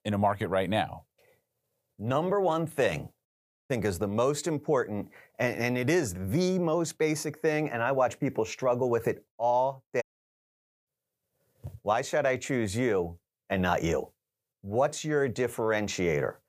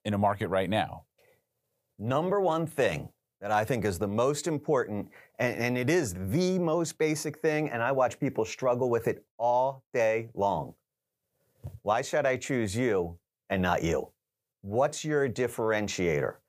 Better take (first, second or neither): second